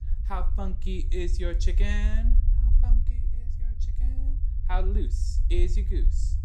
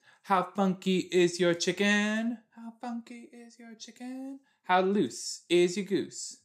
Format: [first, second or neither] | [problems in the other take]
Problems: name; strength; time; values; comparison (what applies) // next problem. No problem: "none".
second | low rumble; noticeable; throughout; 10 dB below the speech